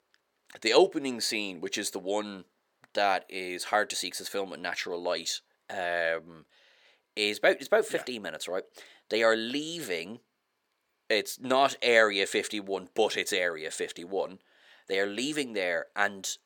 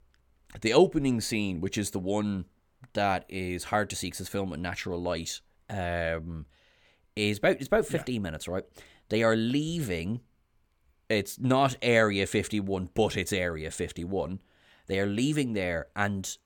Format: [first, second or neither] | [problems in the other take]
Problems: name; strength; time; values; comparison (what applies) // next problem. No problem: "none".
second | thin; somewhat; fading below 450 Hz